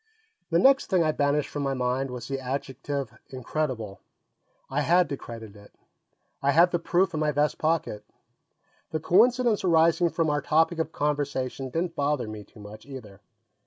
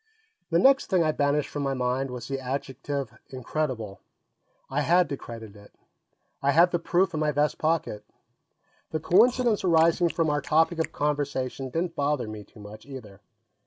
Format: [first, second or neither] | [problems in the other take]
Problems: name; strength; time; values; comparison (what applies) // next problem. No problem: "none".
first | background sound (Chewing, mastication); 18 dB below the speech